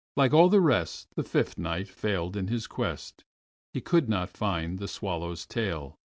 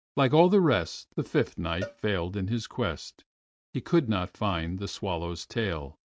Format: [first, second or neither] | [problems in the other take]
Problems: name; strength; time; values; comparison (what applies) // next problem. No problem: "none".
first | noise reduction (neural mask model RNNoise)